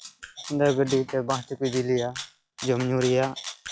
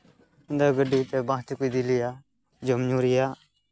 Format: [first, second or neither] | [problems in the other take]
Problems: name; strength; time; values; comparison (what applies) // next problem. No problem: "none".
second | noise reduction (classical method log-MMSE)